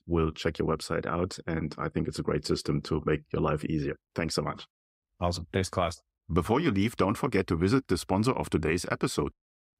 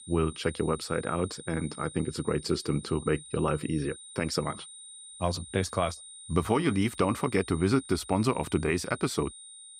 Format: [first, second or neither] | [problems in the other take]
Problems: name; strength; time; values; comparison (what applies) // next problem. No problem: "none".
first | high-pitched whine; noticeable; throughout; 9 kHz, 15 dB below the speech